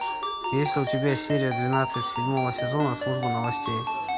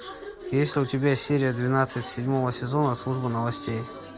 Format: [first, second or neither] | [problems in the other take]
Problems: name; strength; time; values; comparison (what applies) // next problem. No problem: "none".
second | background sound (Ringtone); 2 dB below the speech